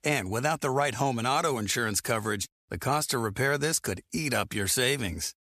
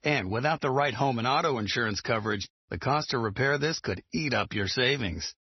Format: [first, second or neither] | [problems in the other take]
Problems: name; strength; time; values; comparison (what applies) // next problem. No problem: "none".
first | garbled, watery; slightly; nothing above 6 kHz